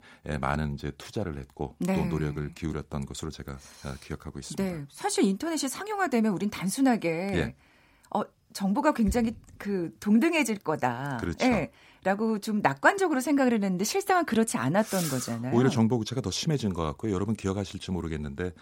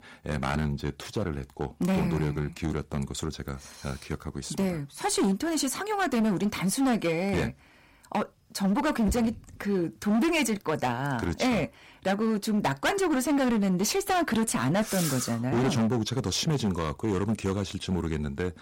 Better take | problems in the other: first | distortion; heavy; 13% of the sound clipped

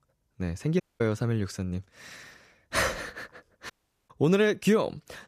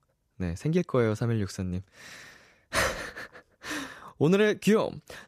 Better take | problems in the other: second | audio cutting out; at 1 s and at 3.5 s

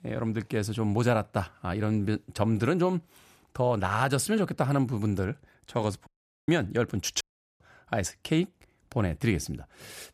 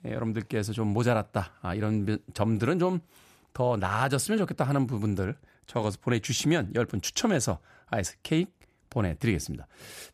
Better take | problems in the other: second | audio cutting out; at 6 s and at 7 s

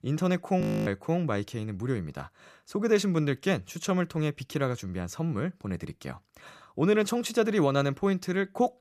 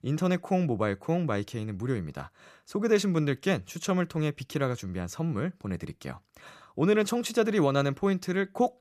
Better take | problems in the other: second | audio freezing; at 0.5 s

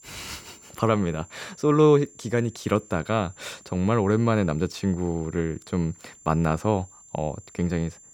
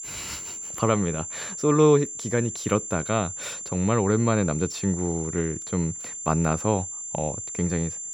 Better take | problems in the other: first | high-pitched whine; loud; throughout; 7 kHz, 7 dB below the speech; faint in the first

